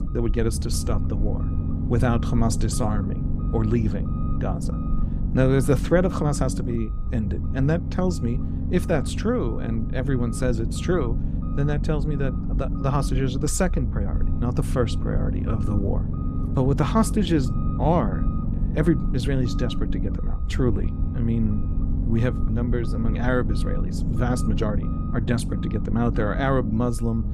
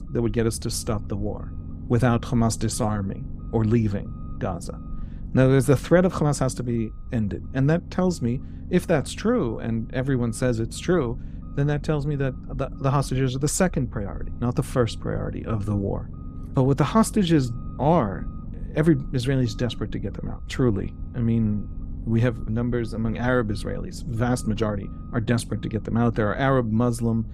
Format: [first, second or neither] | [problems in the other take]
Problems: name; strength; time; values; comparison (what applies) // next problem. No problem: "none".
second | low rumble; loud; throughout; 9 dB below the speech; faint in the second